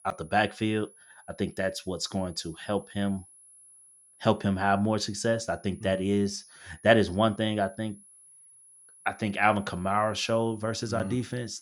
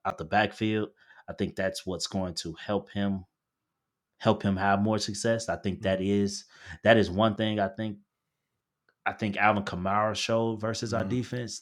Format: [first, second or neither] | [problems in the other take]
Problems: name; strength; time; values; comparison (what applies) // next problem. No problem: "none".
second | high-pitched whine; faint; throughout; 10.5 kHz, 25 dB below the speech